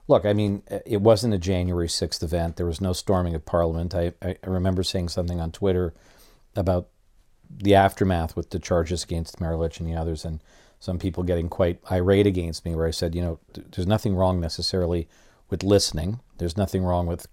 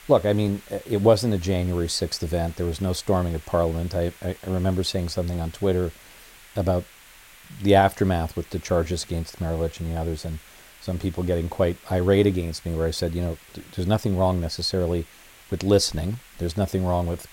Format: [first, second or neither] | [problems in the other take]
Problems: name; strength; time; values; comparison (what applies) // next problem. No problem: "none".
first | hiss; faint; throughout; 20 dB below the speech